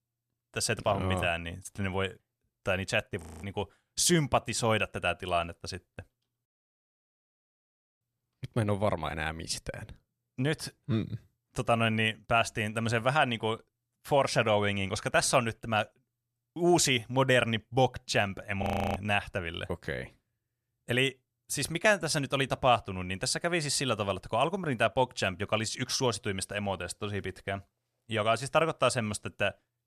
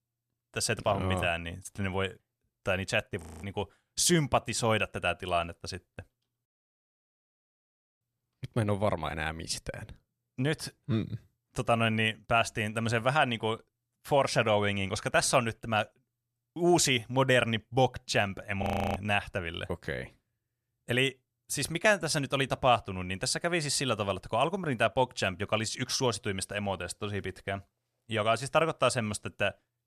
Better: neither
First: audio freezing; at 3 s and at 19 s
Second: audio freezing; at 3 s and at 19 s

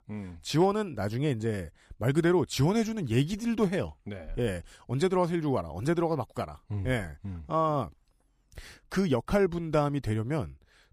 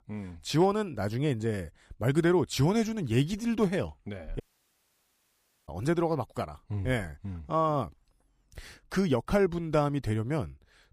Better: first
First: none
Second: audio cutting out; at 4.5 s for 1.5 s

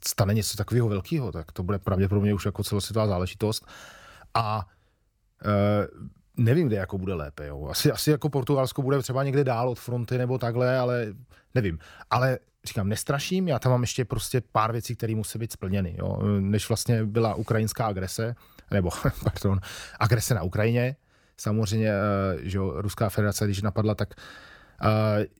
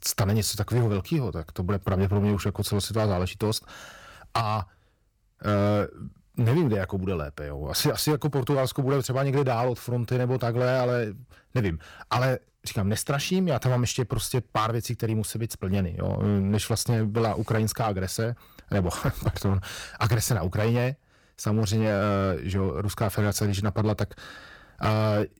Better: first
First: none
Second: distortion; slight; 8% of the sound clipped

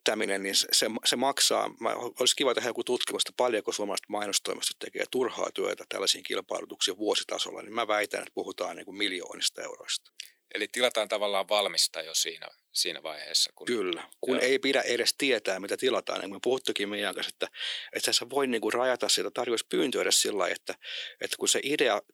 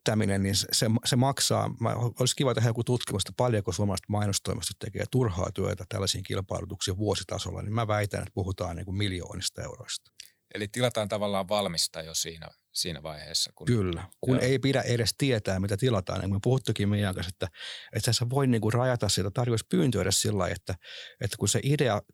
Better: second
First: thin; somewhat; fading below 300 Hz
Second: none

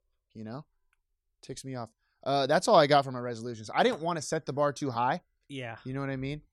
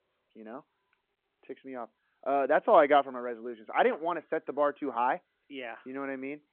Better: first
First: none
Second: phone-call audio

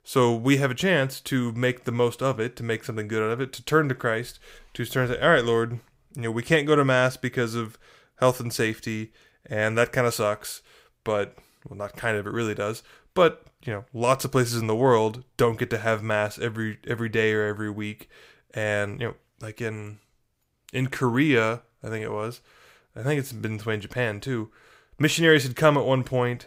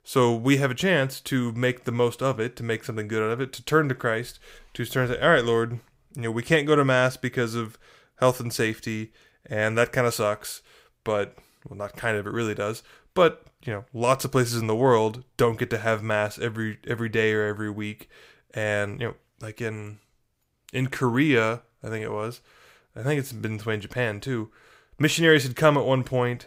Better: neither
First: none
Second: none

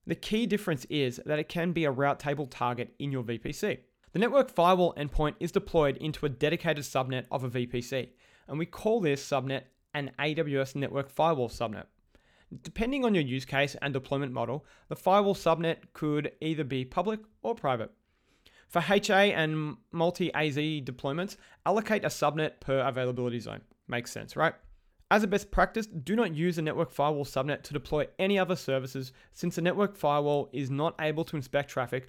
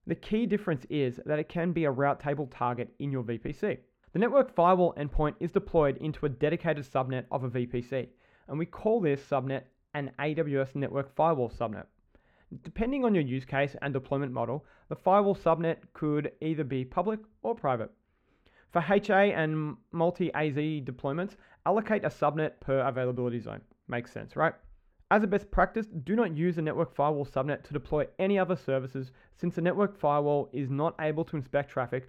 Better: first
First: none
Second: muffled; very; fading above 3 kHz

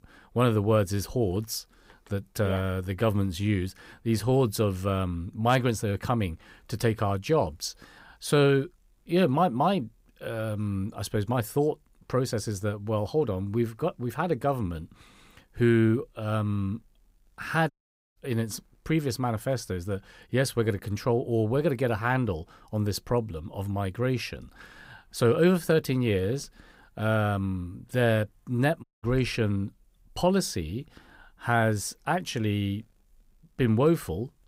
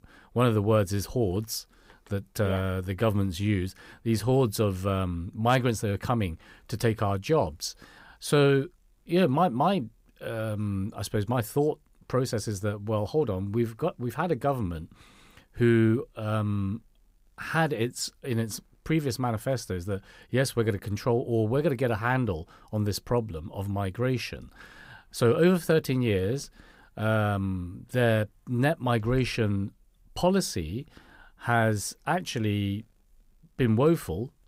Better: second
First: audio cutting out; at 18 s and at 29 s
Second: none

